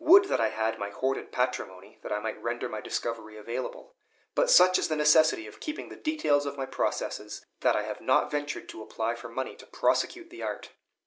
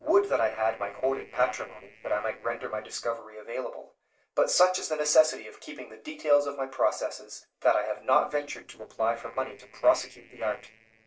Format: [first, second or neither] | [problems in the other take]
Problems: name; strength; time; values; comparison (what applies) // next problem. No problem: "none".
first | noise reduction (neural separator model SepFormer DNS4)